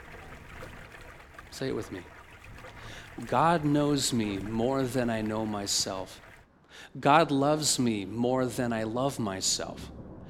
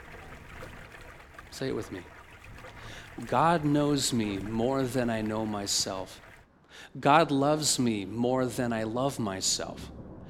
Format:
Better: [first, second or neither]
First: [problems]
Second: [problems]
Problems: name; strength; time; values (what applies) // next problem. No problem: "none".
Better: neither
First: rain or running water; faint; throughout; 20 dB below the speech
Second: rain or running water; faint; throughout; 20 dB below the speech